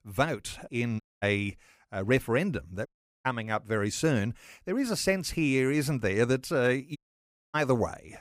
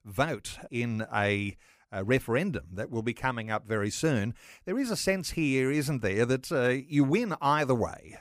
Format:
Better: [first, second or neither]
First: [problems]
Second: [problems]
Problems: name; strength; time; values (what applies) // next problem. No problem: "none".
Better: second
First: audio cutting out; at 1 s, at 3 s and at 7 s for 0.5 s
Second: none